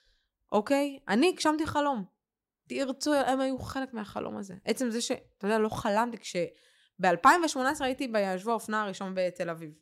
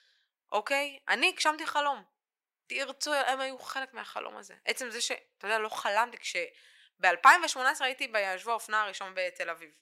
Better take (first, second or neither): first